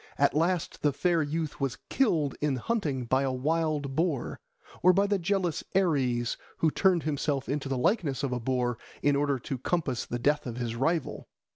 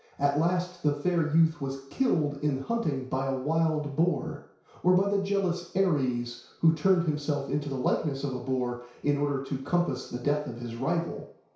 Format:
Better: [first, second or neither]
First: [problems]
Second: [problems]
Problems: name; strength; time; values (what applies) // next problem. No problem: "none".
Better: first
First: none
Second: room echo; dies away in 0.6 s